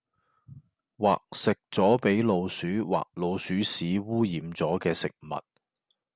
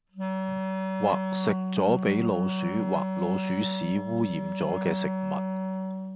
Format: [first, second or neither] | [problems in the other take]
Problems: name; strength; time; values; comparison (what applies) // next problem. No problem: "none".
first | background sound (Wind instrument, woodwind instrument); as loud as the speech